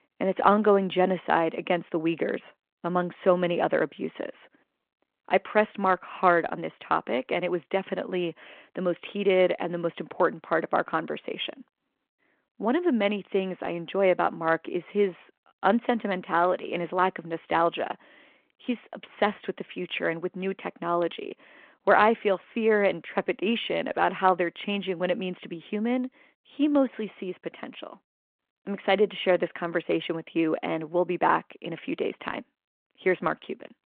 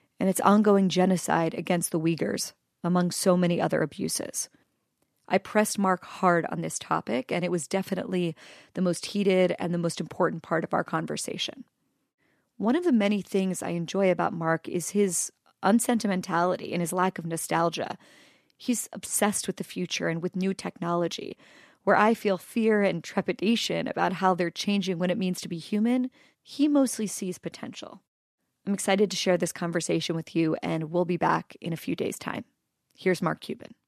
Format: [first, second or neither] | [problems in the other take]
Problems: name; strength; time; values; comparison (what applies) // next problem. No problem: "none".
second | phone-call audio